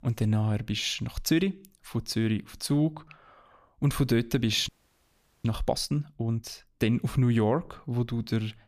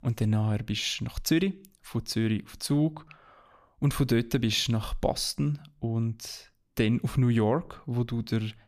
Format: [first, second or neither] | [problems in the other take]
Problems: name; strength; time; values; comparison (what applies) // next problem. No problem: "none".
second | audio freezing; at 4.5 s for 1 s